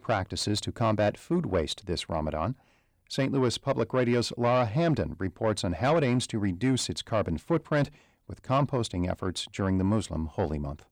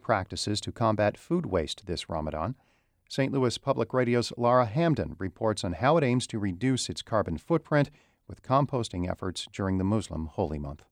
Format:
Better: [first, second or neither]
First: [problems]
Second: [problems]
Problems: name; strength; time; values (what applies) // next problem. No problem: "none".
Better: second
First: distortion; slight; 10 dB below the speech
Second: none